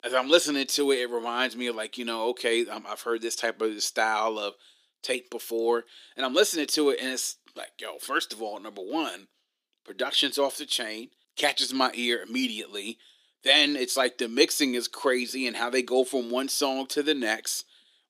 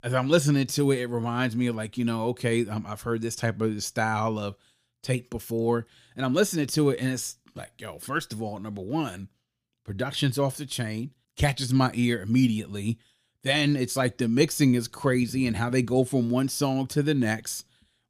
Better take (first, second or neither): second